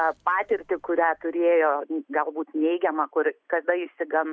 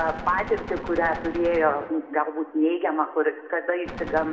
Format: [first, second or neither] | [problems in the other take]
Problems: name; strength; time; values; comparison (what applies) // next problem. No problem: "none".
first | background sound (Gunshot, gunfire); 13 dB below the speech // room echo; dies away in 1.2 s